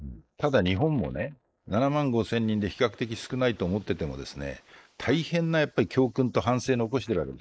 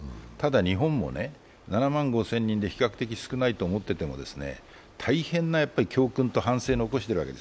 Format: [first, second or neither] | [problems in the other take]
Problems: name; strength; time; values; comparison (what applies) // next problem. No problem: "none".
second | noise reduction (neural mask model Resemble Enhance denoiser)